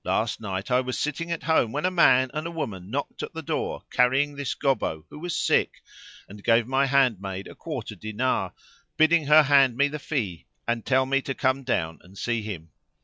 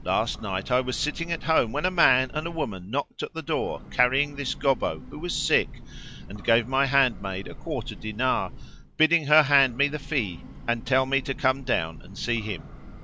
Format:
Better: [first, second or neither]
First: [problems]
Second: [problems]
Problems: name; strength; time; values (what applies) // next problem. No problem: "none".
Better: first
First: none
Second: background sound (Train / Breathing); 13 dB below the speech